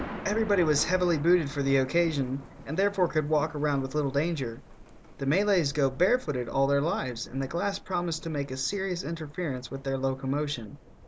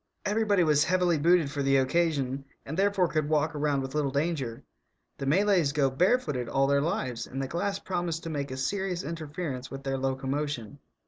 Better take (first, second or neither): second